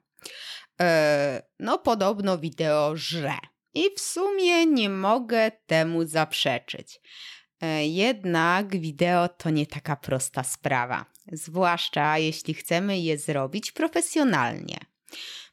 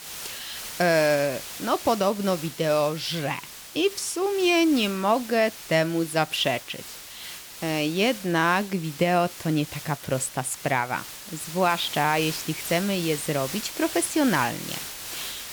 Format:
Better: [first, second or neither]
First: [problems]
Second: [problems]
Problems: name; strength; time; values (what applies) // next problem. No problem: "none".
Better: first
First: none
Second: hiss; noticeable; throughout; 10 dB below the speech